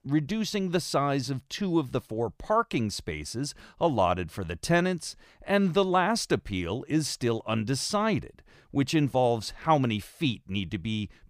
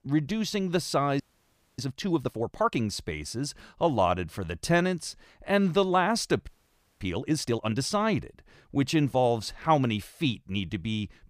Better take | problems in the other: first | audio freezing; at 1 s for 0.5 s and at 6.5 s for 0.5 s

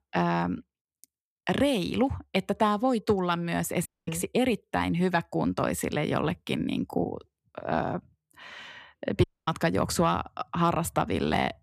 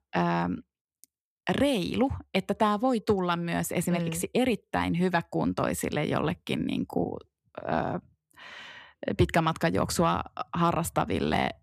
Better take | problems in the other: second | audio cutting out; at 4 s and at 9 s

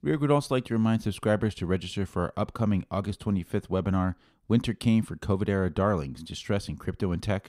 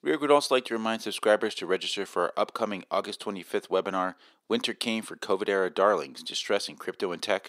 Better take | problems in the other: first | thin; very; fading below 350 Hz

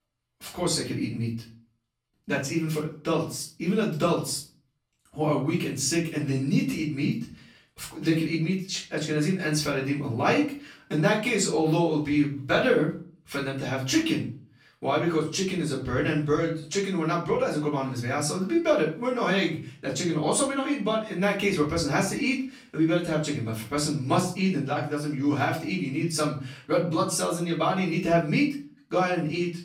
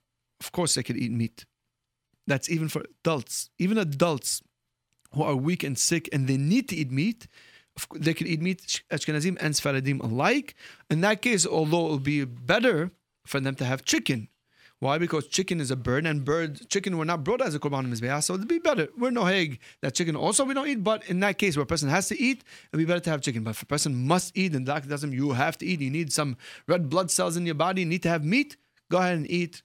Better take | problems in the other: second | off-mic speech; far // room echo; slight; dies away in 0.4 s

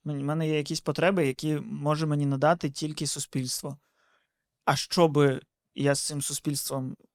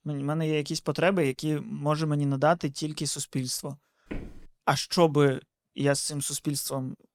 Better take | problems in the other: first | footsteps; faint; at 4 s; peak 15 dB below the speech

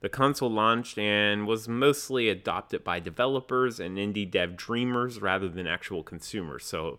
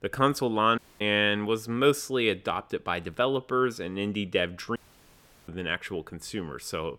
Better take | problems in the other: first | audio cutting out; at 1 s and at 5 s for 0.5 s

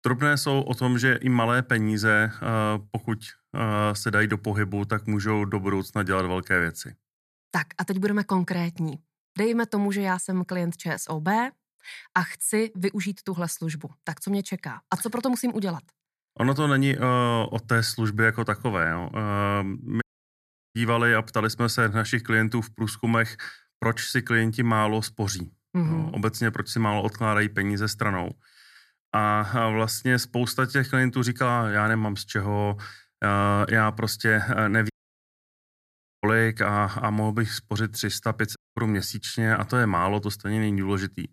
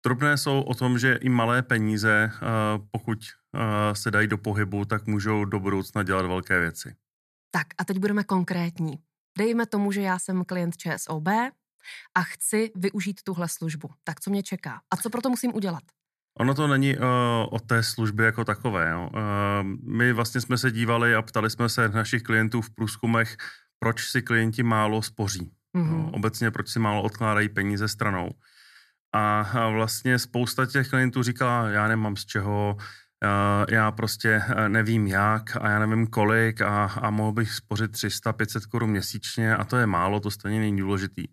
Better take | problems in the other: second | audio cutting out; at 20 s for 0.5 s, at 35 s for 1.5 s and at 39 s

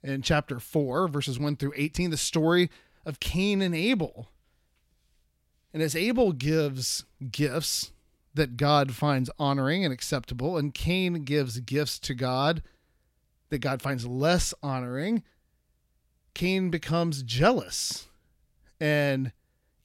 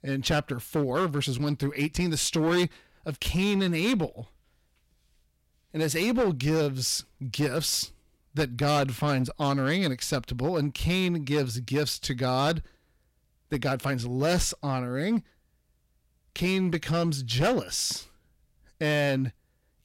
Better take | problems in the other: first | distortion; slight; 7% of the sound clipped

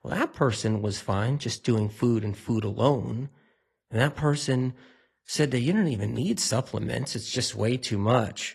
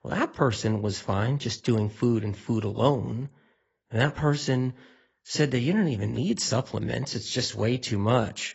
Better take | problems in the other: first | garbled, watery; badly; nothing above 8 kHz; slightly in the first

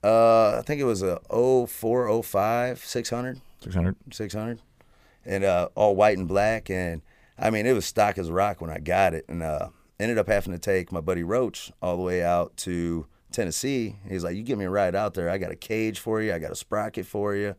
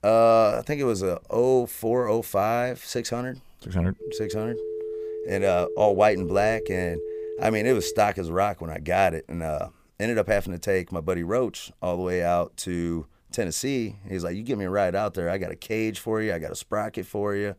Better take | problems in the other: first | phone ringing; noticeable; from 3.5 to 8 s; peak 6 dB below the speech

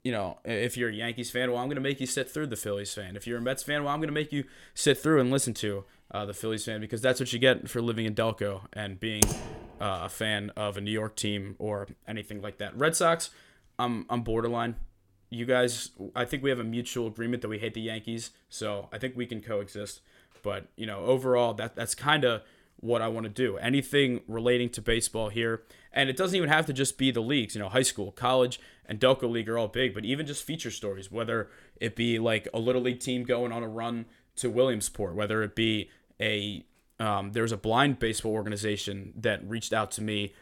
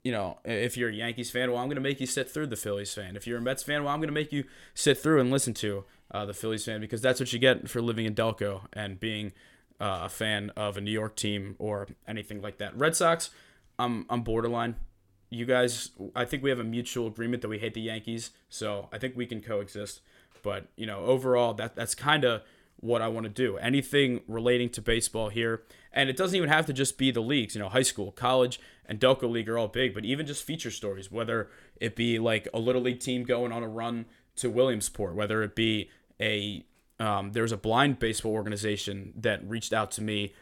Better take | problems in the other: second | keyboard typing; loud; at 9 s; peak 3 dB above the speech

